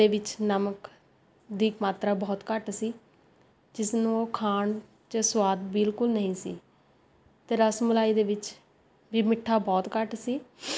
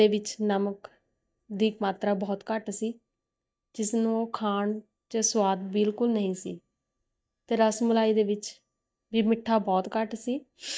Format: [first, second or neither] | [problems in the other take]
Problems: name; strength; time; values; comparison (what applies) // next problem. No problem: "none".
first | noise reduction (neural mask model DeepFilterNet 3)